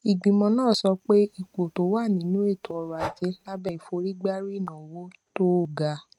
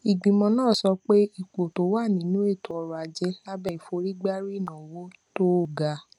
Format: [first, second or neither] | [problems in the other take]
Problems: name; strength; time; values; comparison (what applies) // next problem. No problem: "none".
second | noise reduction (neural mask model RNNoise)